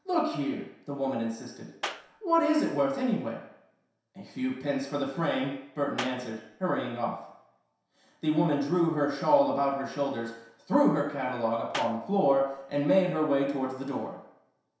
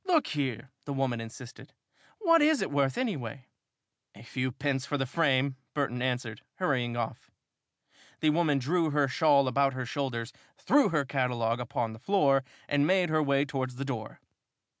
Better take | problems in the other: second | background sound (Clapping); 12 dB below the speech // room echo; dies away in 0.7 s

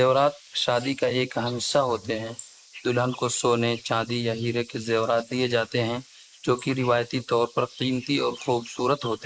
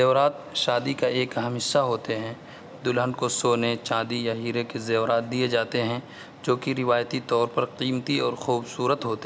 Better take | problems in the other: second | noise reduction (neural mask model Resemble Enhance denoiser)

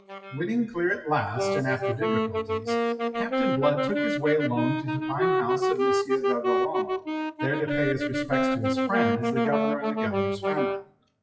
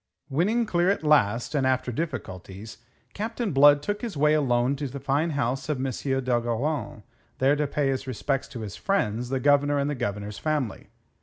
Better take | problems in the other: second | noise reduction (classical method WPE with log-MMSE)

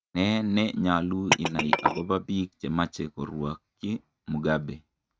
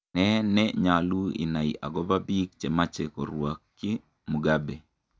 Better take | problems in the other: second | noise reduction (neural mask model RNNoise)

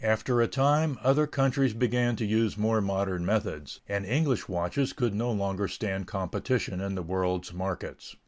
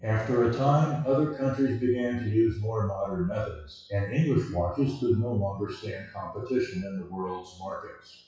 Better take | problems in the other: first | noise reduction (classical method WPE with log-MMSE)

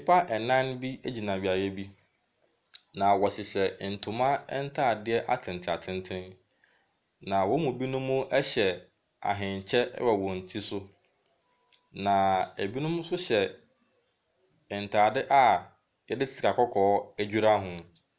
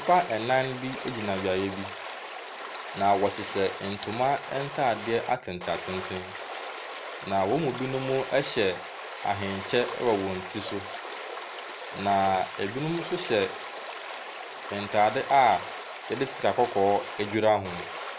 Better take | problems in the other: first | background sound (Stream); 10 dB below the speech

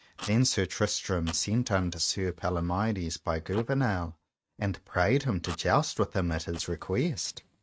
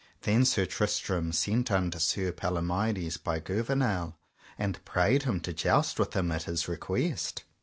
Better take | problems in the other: second | noise reduction (neural mask model RNNoise)

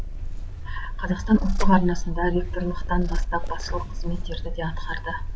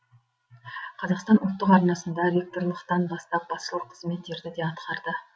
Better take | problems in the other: second | background sound (Purr); 2 dB above the speech

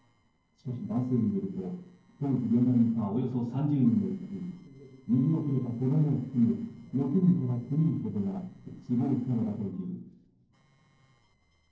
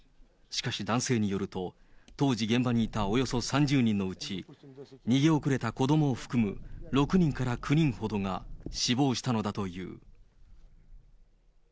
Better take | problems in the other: second | noise reduction (neural separator model SepFormer DNS4)

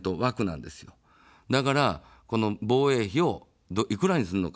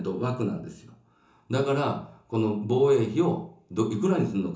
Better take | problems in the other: first | room echo; dies away in 0.8 s

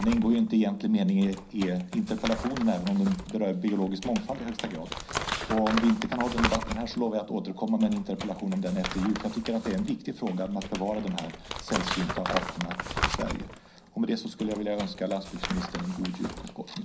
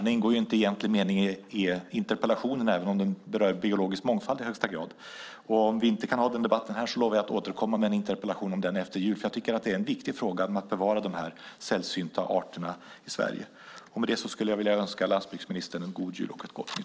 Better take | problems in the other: second | background sound (Crumpling, crinkling); 8 dB below the speech // room echo; dies away in 0.5 s

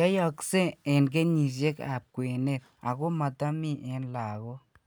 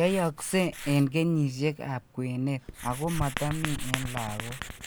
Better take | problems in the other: first | background sound (Writing); 9 dB below the speech

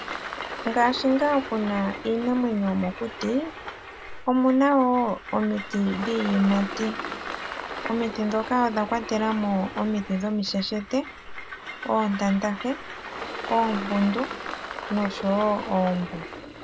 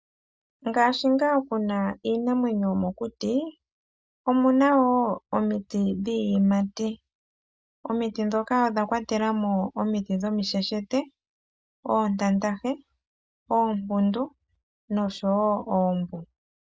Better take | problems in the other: second | background sound (Train + Engine); 10 dB below the speech

